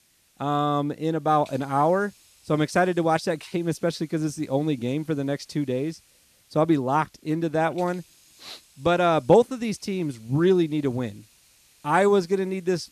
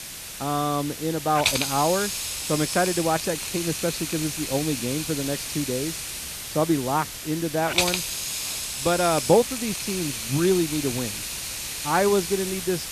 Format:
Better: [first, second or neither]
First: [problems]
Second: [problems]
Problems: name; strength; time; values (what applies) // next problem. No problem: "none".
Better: first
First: hiss; faint; throughout; 30 dB below the speech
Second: hiss; loud; throughout; 3 dB below the speech